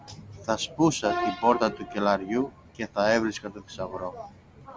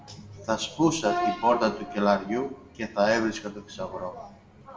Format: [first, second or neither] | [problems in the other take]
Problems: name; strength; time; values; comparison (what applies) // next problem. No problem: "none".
first | room echo; dies away in 0.5 s